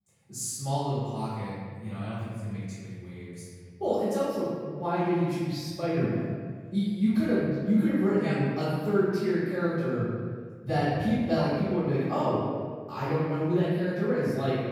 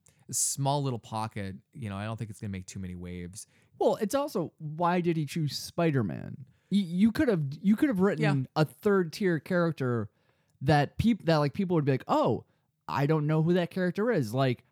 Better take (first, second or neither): second